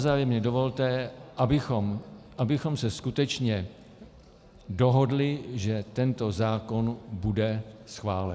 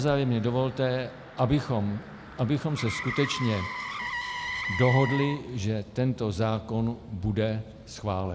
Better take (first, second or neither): first